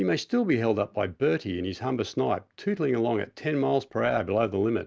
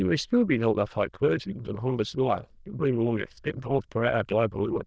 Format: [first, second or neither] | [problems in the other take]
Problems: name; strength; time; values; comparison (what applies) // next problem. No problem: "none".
first | noise reduction (neural diffusion model UNIVERSE++)